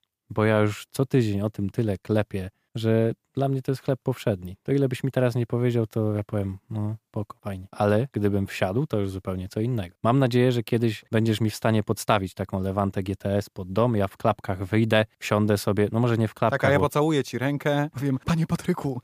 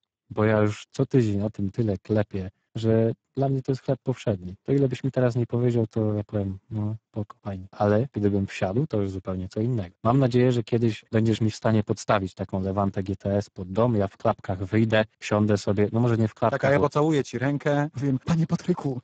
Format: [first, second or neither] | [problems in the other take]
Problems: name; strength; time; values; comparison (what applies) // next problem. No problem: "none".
first | garbled, watery; badly; nothing above 7.5 kHz